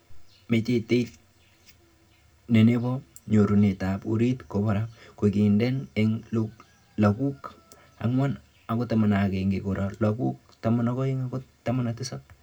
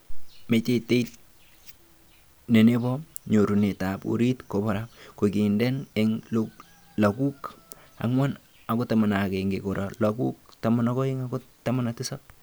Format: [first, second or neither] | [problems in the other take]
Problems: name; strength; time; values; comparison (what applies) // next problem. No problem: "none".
second | room echo; dies away in 0.2 s